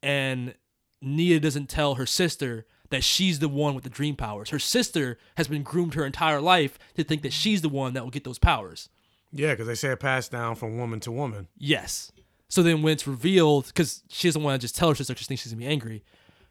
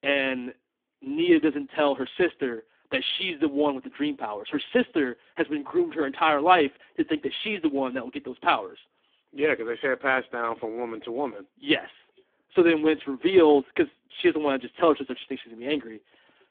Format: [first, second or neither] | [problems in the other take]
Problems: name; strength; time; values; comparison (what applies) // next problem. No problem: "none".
first | phone-call audio; poor line; nothing above 3.5 kHz